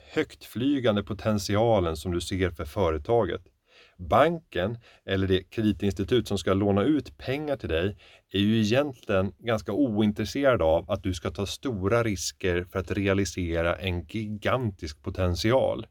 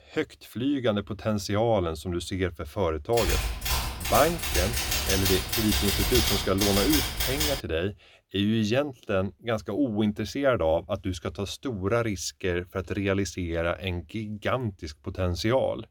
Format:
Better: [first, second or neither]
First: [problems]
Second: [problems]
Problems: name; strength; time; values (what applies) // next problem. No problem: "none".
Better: first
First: none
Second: keyboard typing; loud; from 3 to 7.5 s; peak 4 dB above the speech